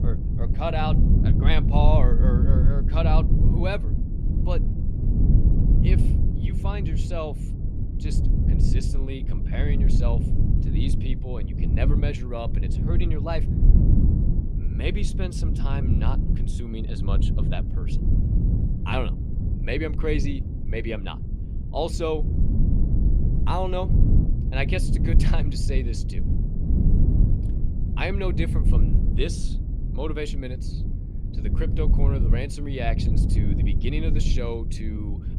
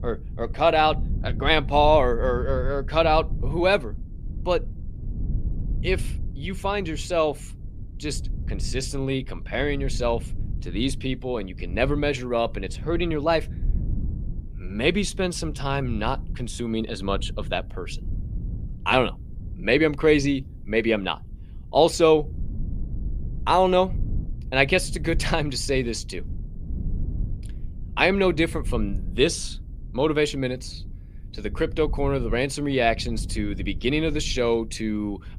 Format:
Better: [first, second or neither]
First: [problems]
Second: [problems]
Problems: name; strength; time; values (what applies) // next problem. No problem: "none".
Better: second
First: low rumble; loud; throughout; 5 dB below the speech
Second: low rumble; faint; throughout; 25 dB below the speech